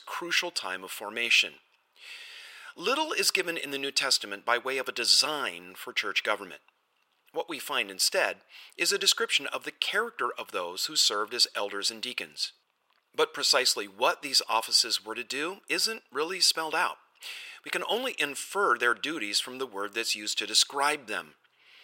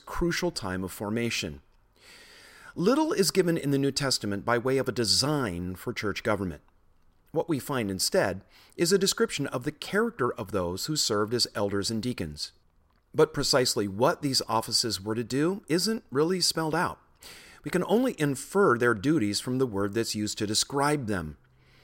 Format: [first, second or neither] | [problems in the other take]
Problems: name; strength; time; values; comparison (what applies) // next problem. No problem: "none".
second | thin; very; fading below 600 Hz